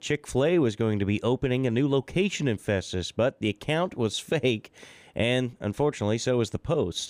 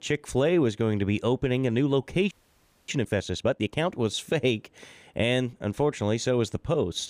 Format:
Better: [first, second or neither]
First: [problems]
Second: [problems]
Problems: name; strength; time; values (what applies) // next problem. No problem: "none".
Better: first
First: none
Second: audio freezing; at 2.5 s for 0.5 s